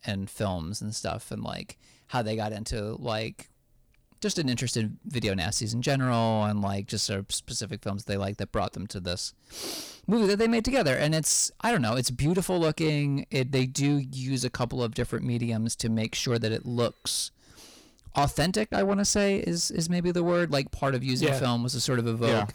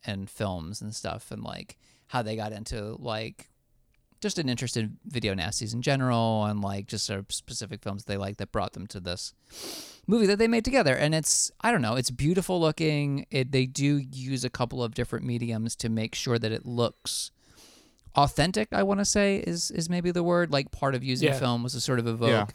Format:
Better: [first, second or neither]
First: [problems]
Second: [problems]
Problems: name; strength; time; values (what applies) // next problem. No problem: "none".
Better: second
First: distortion; slight; 10 dB below the speech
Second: none